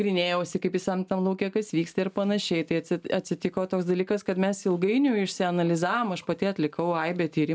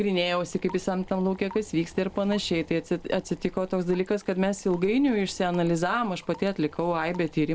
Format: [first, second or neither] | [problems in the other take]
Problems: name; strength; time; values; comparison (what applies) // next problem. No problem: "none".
first | background sound (Raindrop / Drip / Water tap, faucet + Boiling); 20 dB below the speech